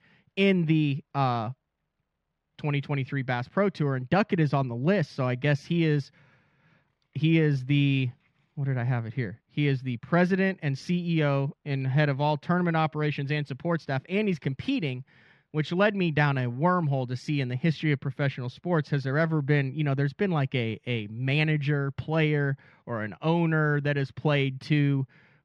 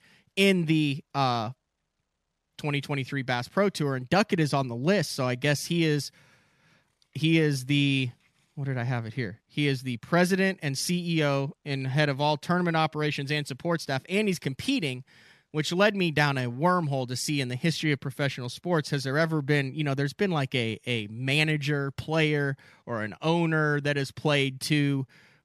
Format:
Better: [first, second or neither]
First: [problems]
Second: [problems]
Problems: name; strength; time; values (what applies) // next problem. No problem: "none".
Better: second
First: muffled; slightly; fading above 2.5 kHz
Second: none